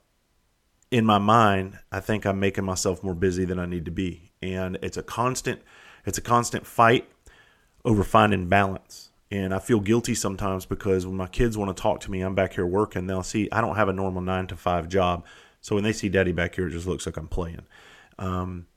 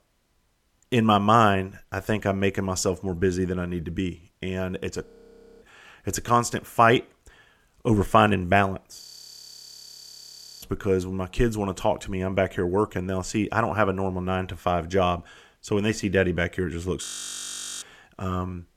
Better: first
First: none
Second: audio freezing; at 5 s for 0.5 s, at 9 s for 1.5 s and at 17 s for 1 s

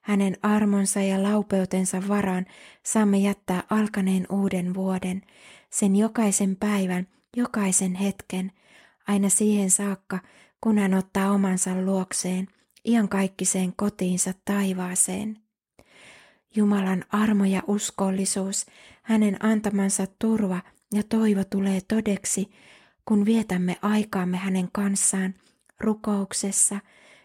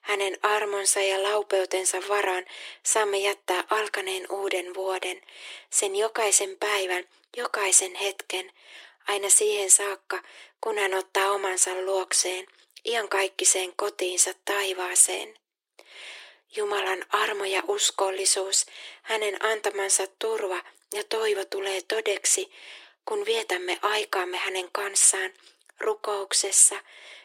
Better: first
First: none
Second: thin; very; fading below 350 Hz

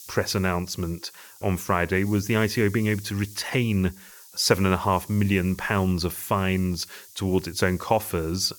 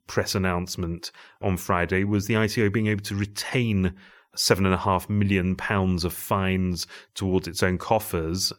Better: second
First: hiss; noticeable; throughout; 20 dB below the speech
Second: none

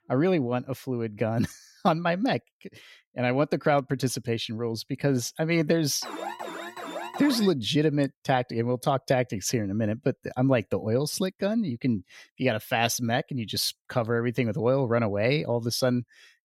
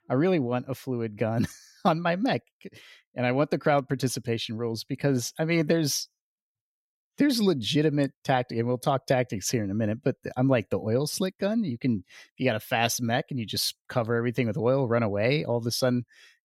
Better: second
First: alarm; noticeable; from 6 to 7.5 s; peak 9 dB below the speech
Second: none

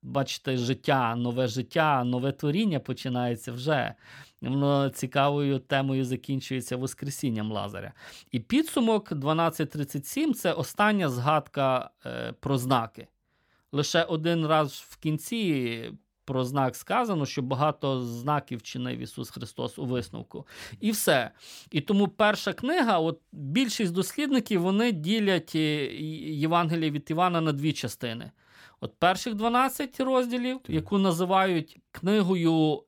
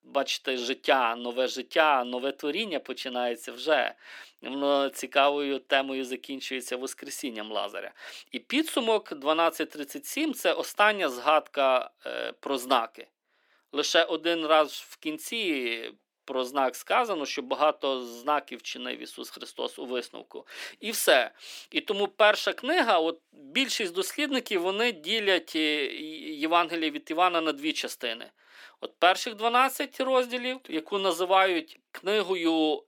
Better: first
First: none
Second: thin; somewhat; fading below 300 Hz

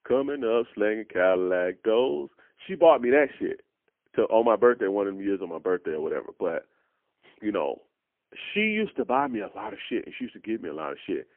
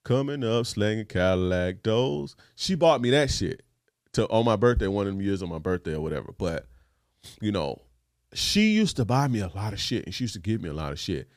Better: second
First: phone-call audio; poor line; nothing above 3 kHz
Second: none

